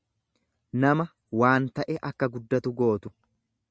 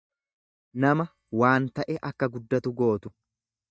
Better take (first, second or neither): first